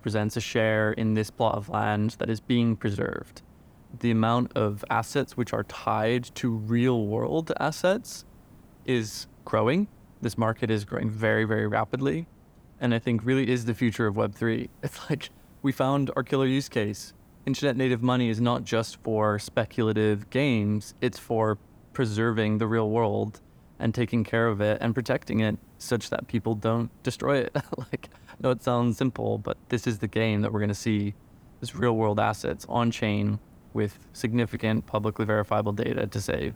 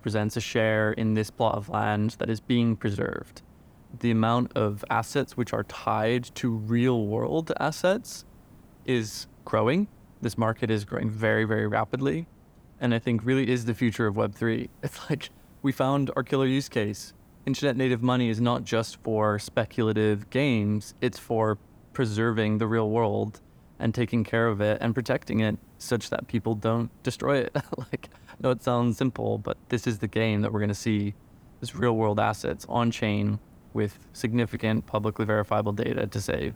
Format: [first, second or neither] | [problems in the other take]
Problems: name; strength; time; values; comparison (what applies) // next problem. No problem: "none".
neither | hiss; faint; throughout; 25 dB below the speech; the same in both